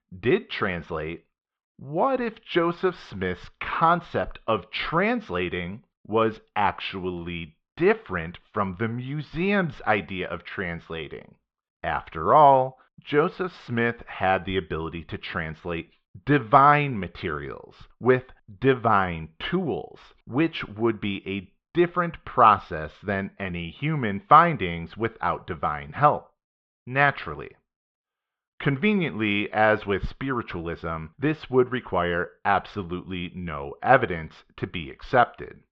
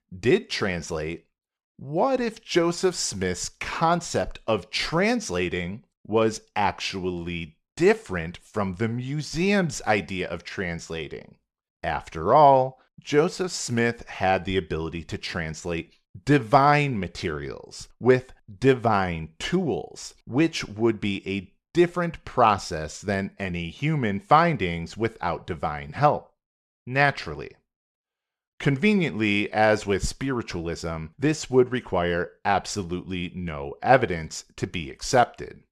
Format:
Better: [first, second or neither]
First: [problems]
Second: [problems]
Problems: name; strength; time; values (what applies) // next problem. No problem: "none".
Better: second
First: muffled; very; fading above 3.5 kHz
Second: none